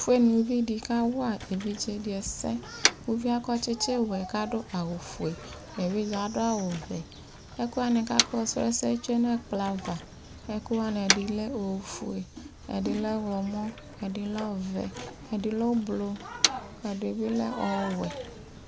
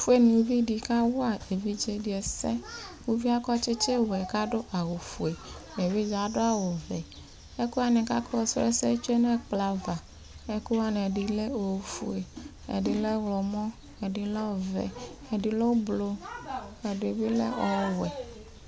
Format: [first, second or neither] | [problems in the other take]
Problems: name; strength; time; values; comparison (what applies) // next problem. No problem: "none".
second | background sound (Motor vehicle (road)); 8 dB below the speech